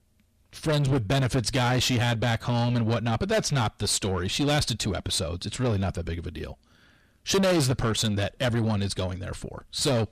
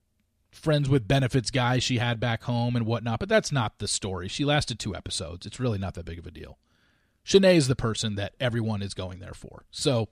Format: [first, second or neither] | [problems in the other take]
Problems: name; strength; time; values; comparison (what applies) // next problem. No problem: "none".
second | distortion; heavy; 6 dB below the speech